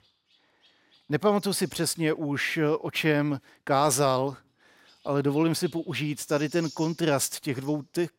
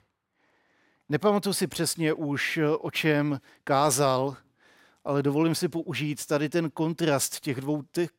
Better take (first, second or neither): second